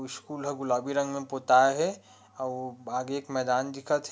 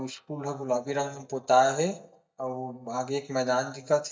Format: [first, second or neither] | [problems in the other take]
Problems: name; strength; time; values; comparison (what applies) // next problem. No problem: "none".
first | noise reduction (neural mask model DeepFilterNet 3)